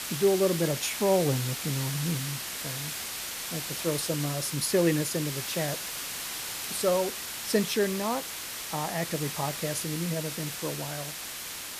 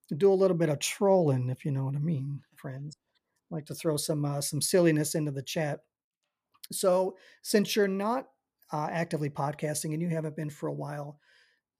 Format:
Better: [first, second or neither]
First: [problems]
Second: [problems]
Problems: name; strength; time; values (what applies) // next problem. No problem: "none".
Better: second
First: hiss; loud; throughout; 4 dB below the speech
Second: none